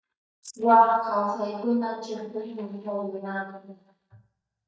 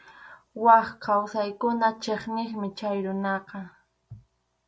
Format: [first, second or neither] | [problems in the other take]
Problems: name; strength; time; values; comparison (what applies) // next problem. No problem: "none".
second | noise reduction (neural mask model DeepFilterNet 3)